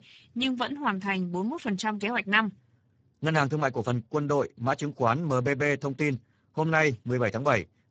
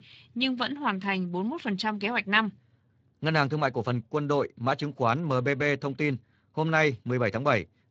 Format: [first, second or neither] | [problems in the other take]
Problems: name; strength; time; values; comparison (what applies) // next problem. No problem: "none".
second | garbled, watery; badly; nothing above 7.5 kHz; slightly in the second